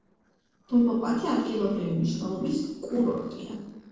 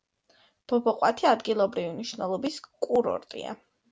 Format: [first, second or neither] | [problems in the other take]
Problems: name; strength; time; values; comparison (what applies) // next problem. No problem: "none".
second | noise reduction (neural separator model SepFormer DNS4)